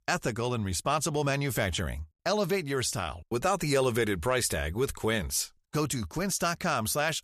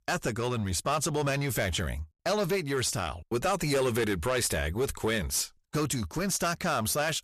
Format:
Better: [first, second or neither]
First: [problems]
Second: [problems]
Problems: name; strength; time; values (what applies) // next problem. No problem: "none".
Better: first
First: none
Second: distortion; slight; 9% of the sound clipped